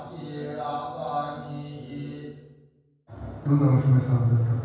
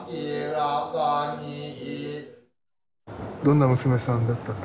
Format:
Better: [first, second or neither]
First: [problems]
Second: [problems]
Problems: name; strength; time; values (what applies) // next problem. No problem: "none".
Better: second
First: room echo; dies away in 1.2 s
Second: none